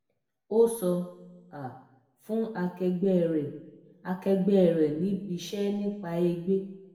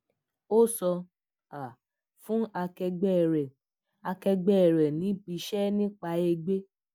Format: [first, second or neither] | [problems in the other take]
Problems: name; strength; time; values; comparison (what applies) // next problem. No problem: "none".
second | room echo; dies away in 0.8 s